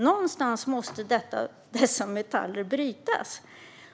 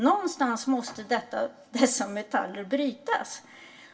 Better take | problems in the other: first | room echo; dies away in 0.2 s

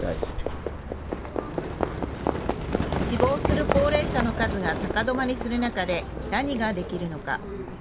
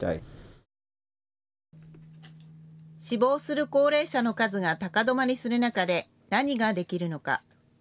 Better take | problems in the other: second | background sound (Livestock, farm animals, working animals); as loud as the speech

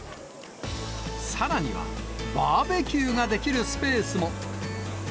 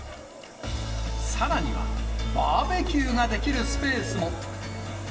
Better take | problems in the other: first | room echo; dies away in 0.8 s

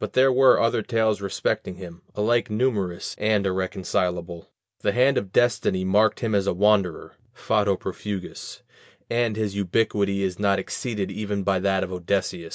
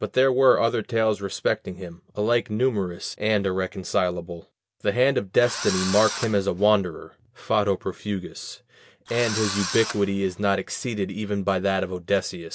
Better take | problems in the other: first | background sound (Engine / Drill); 8 dB below the speech

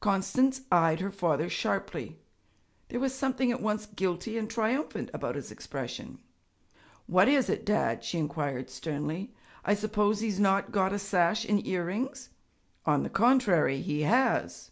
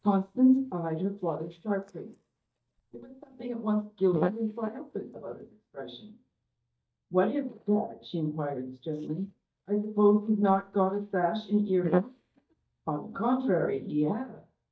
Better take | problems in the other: first | noise reduction (neural mask model DeepFilterNet 3)

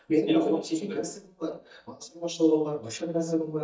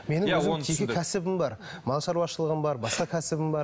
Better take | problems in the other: second | noise reduction (neural mask model DeepFilterNet 3)

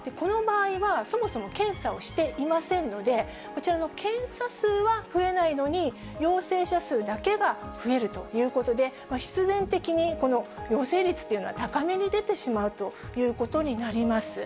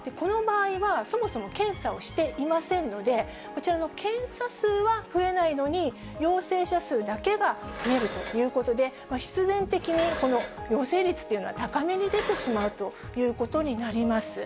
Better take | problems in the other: first | background sound (Dishes, pots, and pans); 12 dB below the speech

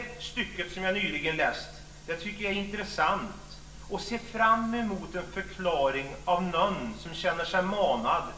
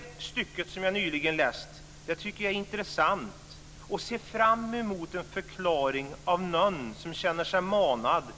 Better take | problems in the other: second | room echo; dies away in 1.1 s

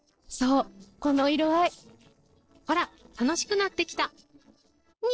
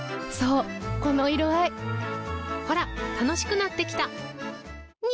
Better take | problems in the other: second | noise reduction (neural separator model SepFormer DNS4)

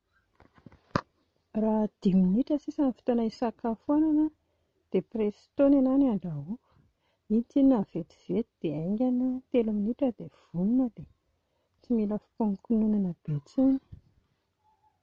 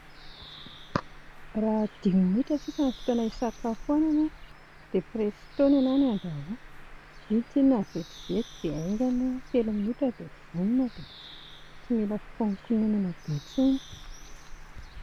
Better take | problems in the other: first | background sound (Clock + Bird); 16 dB below the speech

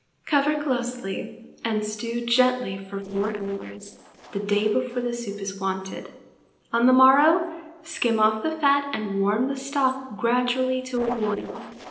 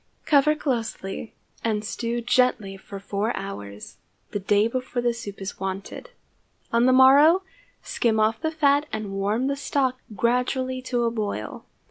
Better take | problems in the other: second | noise reduction (neural separator model SepFormer DNS4)

